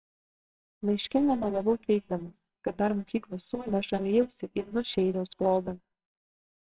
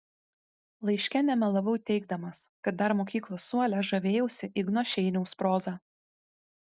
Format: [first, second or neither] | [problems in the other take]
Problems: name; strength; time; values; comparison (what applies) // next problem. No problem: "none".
second | noise reduction (neural separator model SepFormer WHAMR!)